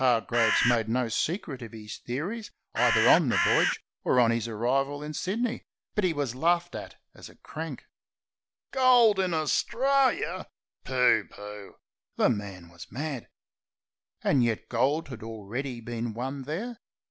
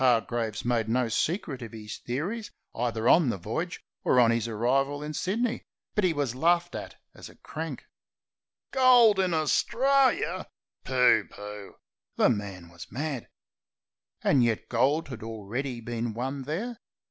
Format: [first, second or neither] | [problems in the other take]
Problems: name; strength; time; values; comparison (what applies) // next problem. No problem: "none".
second | background sound (Bird); 2 dB above the speech